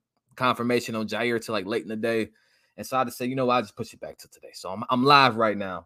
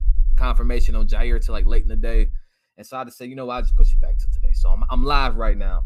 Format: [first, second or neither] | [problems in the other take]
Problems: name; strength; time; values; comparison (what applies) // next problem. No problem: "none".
first | low rumble; faint; until 2.5 s and from 3.5 s on; 25 dB below the speech